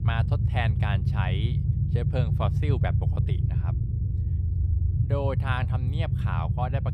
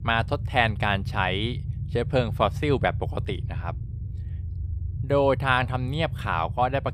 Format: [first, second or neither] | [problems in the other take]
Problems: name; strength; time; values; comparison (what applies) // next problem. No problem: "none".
second | low rumble; loud; throughout; 6 dB below the speech; faint in the second